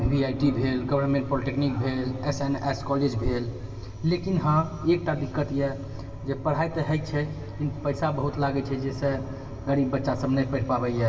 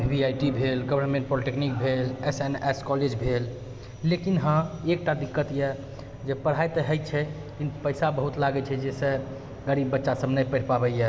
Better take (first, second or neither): second